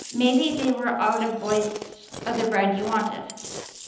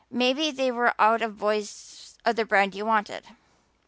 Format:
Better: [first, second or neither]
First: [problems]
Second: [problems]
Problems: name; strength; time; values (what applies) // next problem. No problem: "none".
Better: second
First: background sound (Chewing, mastication); 13 dB below the speech // room echo; dies away in 0.9 s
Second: none